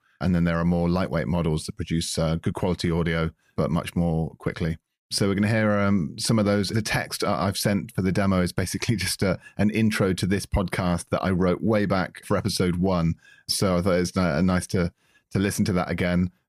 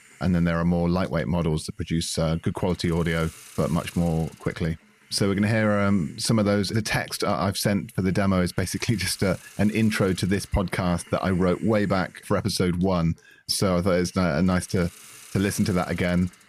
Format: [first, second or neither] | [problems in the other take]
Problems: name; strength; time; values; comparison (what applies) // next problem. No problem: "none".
first | hiss; faint; throughout; 25 dB below the speech